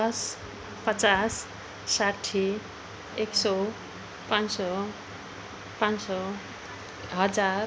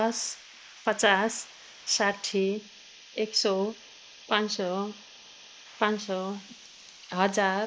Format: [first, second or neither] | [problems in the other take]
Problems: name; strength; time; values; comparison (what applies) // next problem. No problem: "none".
first | noise reduction (neural mask model Resemble Enhance denoiser)